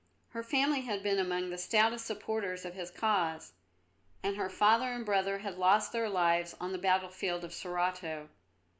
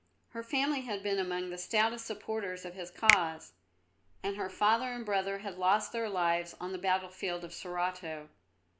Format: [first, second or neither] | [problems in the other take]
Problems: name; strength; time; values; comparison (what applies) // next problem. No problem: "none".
first | background sound (Finger snapping); 2 dB below the speech